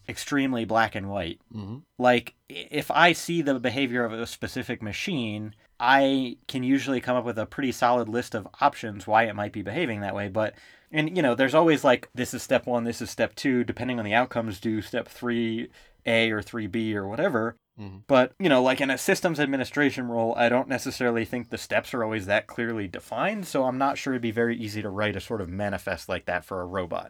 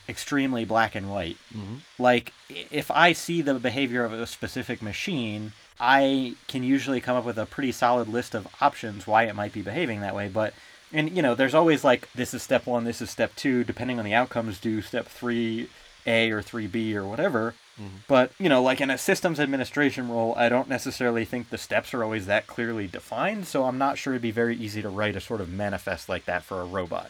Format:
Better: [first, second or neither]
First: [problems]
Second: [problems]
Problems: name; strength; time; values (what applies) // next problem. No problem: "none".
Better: first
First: none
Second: hiss; faint; throughout; 25 dB below the speech